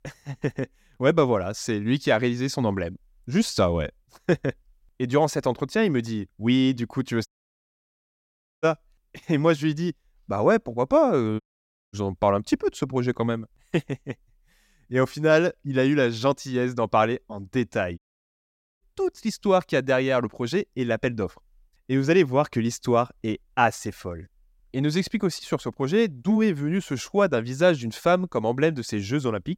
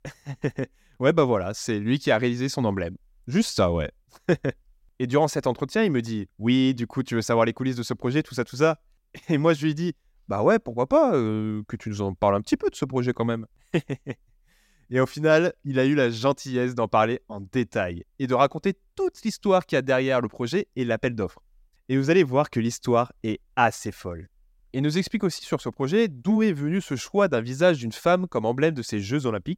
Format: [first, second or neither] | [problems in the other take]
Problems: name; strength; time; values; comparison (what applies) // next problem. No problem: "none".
second | audio cutting out; at 7.5 s for 1.5 s, at 11 s for 0.5 s and at 18 s for 1 s